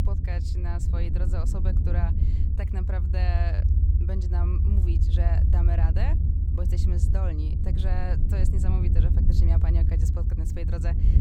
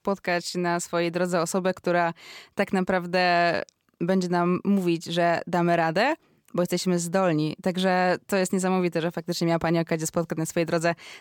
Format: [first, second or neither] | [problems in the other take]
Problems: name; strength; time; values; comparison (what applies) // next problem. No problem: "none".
second | low rumble; loud; throughout; 1 dB below the speech